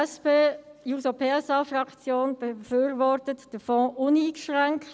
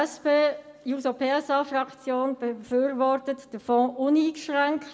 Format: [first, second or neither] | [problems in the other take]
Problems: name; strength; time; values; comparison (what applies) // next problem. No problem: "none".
first | room echo; dies away in 1.3 s